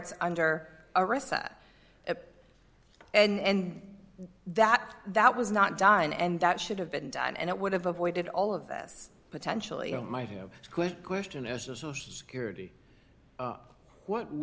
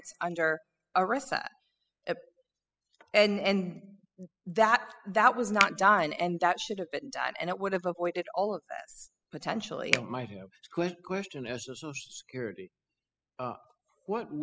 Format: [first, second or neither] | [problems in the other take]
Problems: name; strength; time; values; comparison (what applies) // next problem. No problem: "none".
first | noise reduction (classical method spectral subtraction)